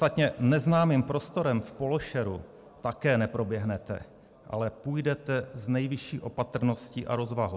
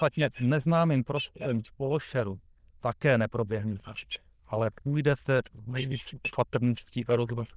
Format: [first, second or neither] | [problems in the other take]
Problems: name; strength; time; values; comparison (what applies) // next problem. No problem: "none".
first | noise reduction (neural diffusion model UNIVERSE++)